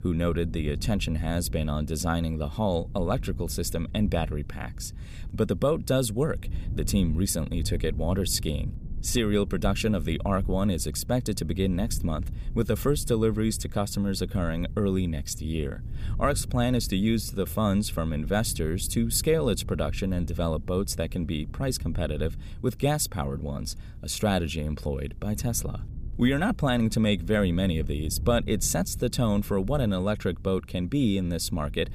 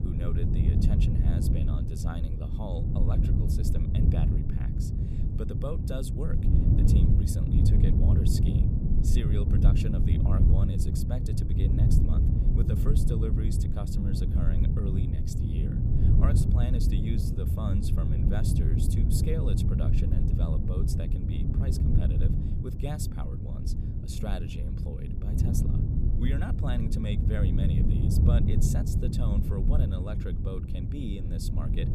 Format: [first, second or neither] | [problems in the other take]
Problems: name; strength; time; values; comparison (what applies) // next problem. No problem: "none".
first | wind noise on the microphone; heavy; 2 dB above the speech; occasional gusts in the first